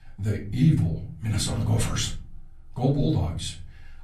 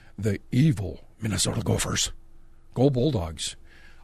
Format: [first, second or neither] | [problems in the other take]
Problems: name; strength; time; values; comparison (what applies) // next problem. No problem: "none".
second | off-mic speech; far // room echo; very slight; dies away in 0.4 s